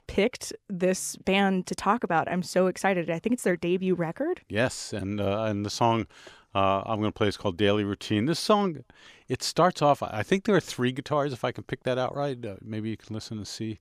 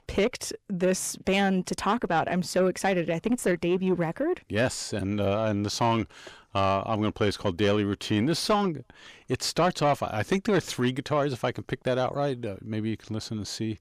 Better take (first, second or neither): first